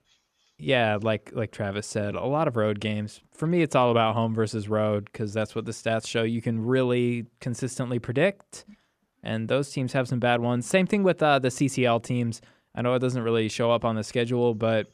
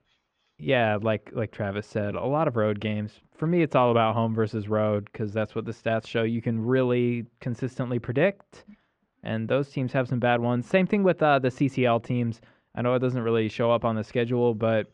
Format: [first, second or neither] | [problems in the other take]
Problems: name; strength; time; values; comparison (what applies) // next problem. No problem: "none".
first | muffled; slightly; fading above 3 kHz